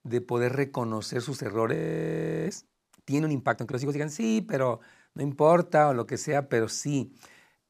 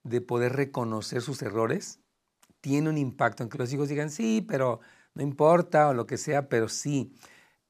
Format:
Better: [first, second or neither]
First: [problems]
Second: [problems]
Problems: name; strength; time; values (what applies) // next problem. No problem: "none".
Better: second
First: audio freezing; at 2 s for 0.5 s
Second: none